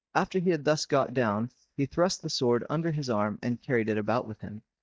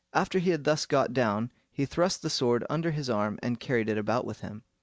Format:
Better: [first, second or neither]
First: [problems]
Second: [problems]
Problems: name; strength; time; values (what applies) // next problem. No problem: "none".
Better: second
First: noise reduction (neural mask model DeepFilterNet 3)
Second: none